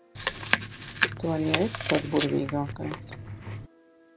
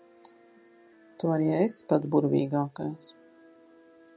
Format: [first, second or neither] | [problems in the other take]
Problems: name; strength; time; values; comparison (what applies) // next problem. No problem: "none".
second | background sound (Chewing, mastication); 1 dB below the speech